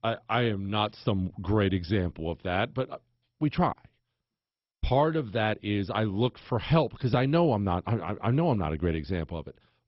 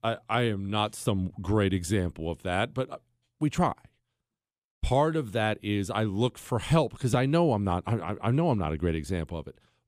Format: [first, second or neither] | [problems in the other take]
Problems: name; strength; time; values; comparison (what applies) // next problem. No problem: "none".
second | garbled, watery; badly; nothing above 5.5 kHz